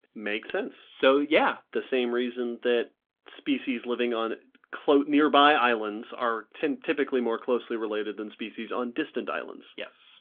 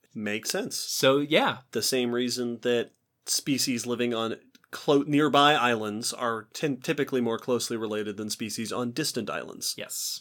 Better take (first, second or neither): second